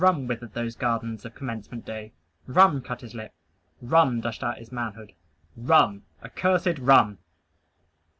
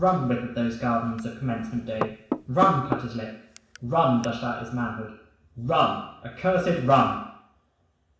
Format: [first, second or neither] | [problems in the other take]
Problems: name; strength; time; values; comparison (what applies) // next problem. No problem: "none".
first | background sound (Knock / Wood); 8 dB below the speech // room echo; dies away in 0.7 s